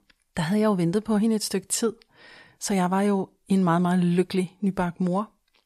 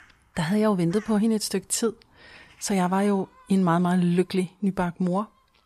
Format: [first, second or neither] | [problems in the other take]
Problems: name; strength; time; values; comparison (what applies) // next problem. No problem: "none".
first | animal sounds; faint; throughout; 25 dB below the speech